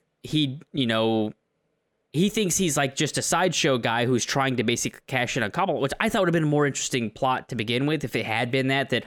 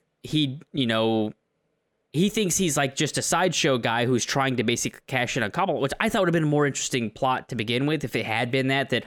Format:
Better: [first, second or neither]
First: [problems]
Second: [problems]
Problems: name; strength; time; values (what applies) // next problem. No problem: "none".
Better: neither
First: none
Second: none